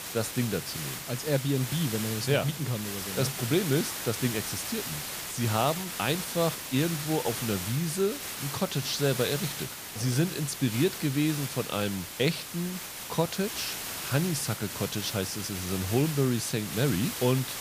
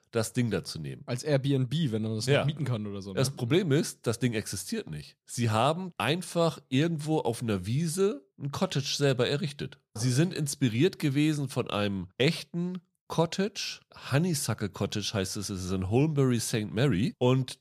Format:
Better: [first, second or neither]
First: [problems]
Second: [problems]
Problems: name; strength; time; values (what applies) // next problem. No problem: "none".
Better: second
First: hiss; loud; throughout; 5 dB below the speech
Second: none